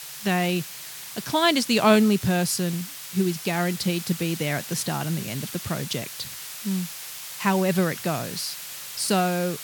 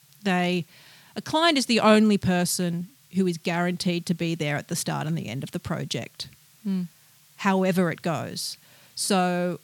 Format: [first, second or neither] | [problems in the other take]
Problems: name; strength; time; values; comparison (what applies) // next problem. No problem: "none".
second | hiss; loud; throughout; 10 dB below the speech; faint in the second